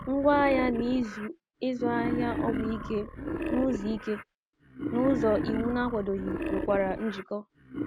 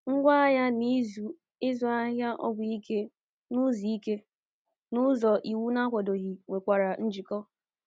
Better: second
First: background sound (Wild animals); 5 dB below the speech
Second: none

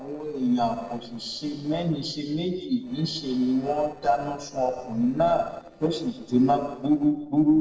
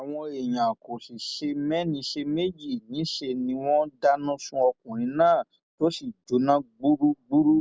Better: second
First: noise reduction (neural separator model SepFormer DNS4)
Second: none

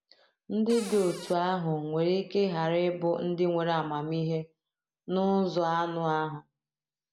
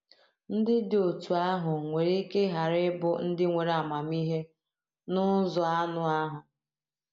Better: second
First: background sound (Cupboard open or close); 14 dB below the speech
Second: none

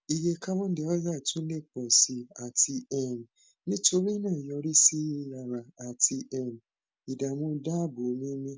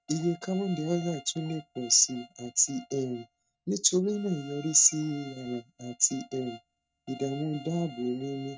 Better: first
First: none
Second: noise reduction (neural mask model RNNoise)

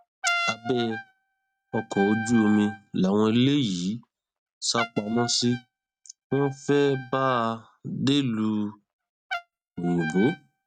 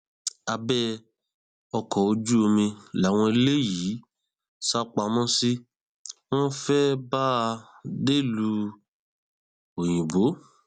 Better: second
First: noise reduction (neural mask model RNNoise)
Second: none

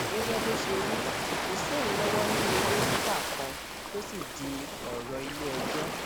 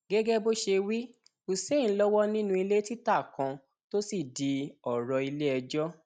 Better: second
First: background sound (Ocean); 5 dB above the speech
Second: none

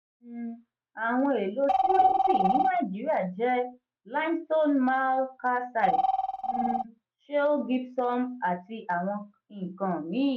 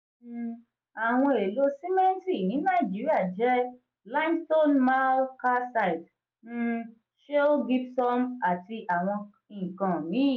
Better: second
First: noise reduction (neural mask model RNNoise)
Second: none

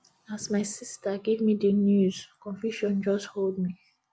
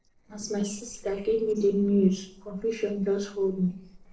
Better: first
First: none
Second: noise reduction (neural separator model SepFormer DNS4)

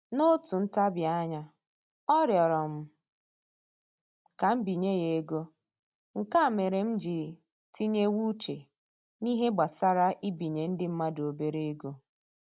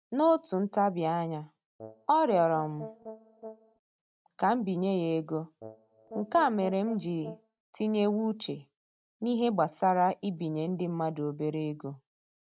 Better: first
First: none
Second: noise reduction (neural mask model RNNoise)

